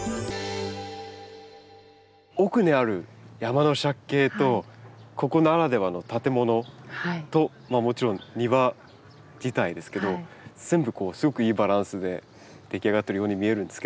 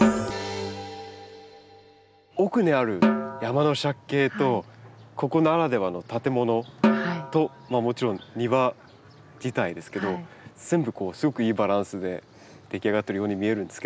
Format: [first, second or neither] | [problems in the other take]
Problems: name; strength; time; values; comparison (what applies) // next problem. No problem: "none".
first | background sound (Snare drum); 3 dB below the speech